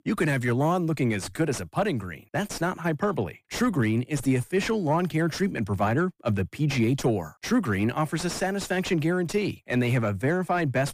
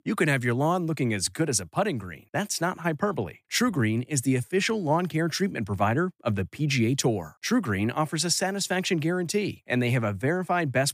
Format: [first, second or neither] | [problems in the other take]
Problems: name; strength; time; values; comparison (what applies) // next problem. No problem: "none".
second | distortion; slight; 10 dB below the speech